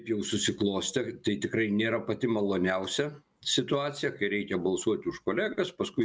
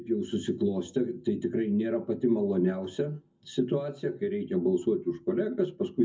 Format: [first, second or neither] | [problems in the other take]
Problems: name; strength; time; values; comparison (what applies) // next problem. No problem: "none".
first | room echo; dies away in 0.3 s